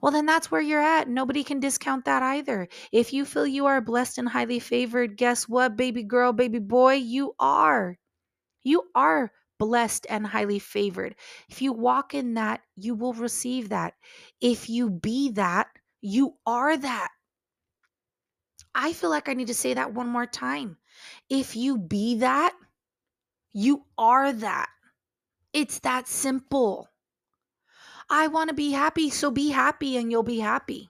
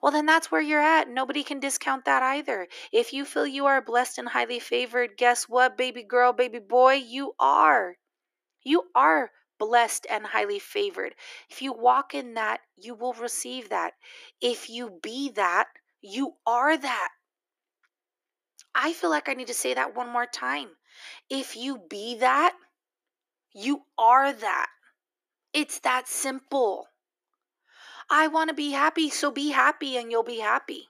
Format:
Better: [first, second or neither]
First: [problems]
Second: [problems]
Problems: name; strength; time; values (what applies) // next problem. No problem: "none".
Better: first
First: none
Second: thin; somewhat; fading below 300 Hz